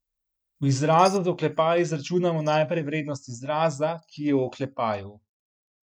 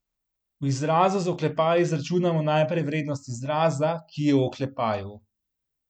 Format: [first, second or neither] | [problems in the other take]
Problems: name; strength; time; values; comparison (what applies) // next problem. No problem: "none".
second | noise reduction (neural mask model DeepFilterNet 3)